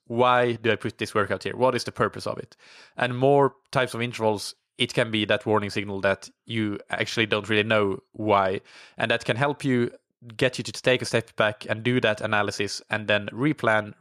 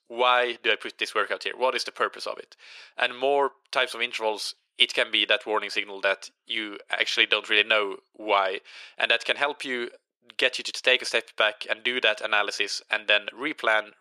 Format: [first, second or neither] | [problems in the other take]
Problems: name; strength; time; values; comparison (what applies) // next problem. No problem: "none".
first | thin; very; fading below 400 Hz